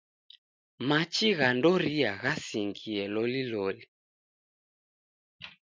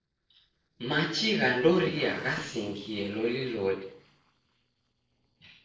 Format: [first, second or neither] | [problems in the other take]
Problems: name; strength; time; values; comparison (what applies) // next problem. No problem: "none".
first | noise reduction (neural separator model SepFormer DNS4)